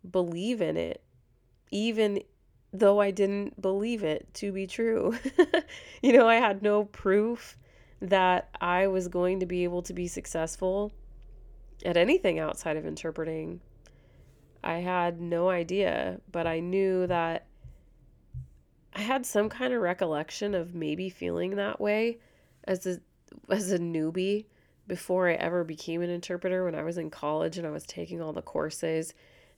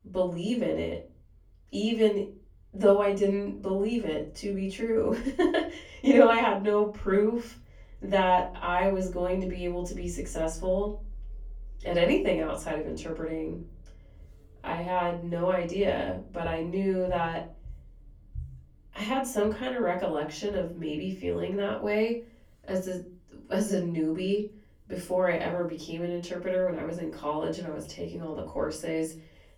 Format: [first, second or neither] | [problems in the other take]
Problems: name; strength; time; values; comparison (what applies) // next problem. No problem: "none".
first | off-mic speech; far // room echo; very slight; dies away in 0.3 s